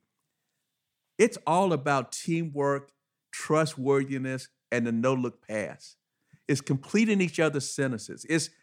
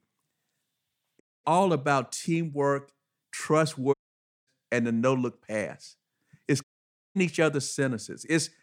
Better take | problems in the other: first | audio cutting out; at 1 s, at 4 s for 0.5 s and at 6.5 s for 0.5 s

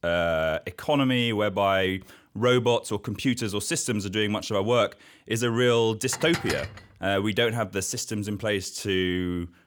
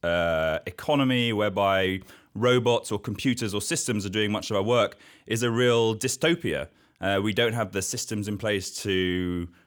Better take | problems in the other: second | clattering dishes; noticeable; at 6 s; peak 6 dB below the speech

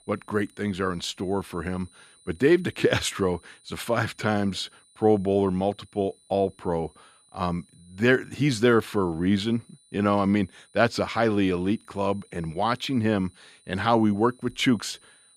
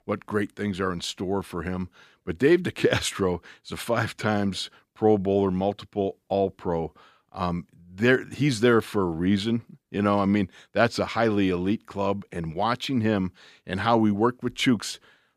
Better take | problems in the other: second | high-pitched whine; faint; throughout; 9.5 kHz, 30 dB below the speech

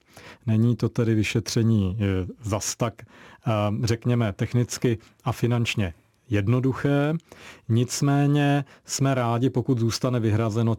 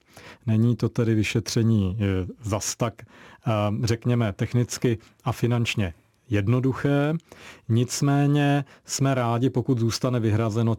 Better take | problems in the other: neither | none

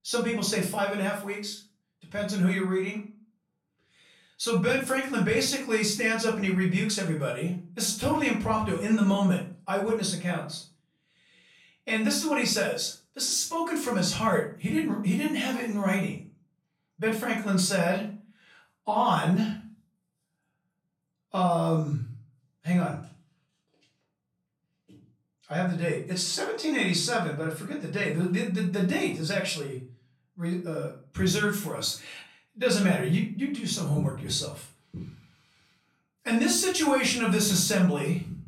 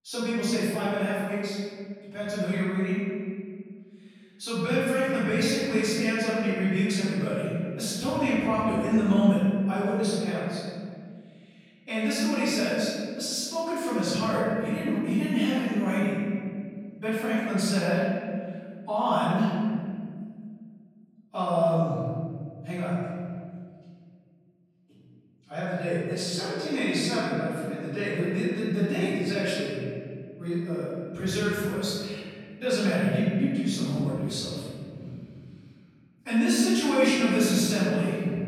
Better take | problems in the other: first | room echo; strong; dies away in 2.2 s; slight in the first // off-mic speech; far; far in the first

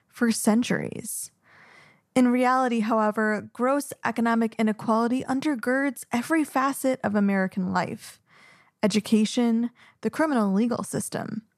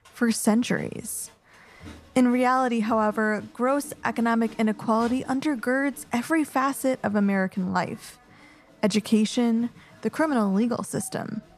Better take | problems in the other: first | crowd noise; faint; throughout; 25 dB below the speech

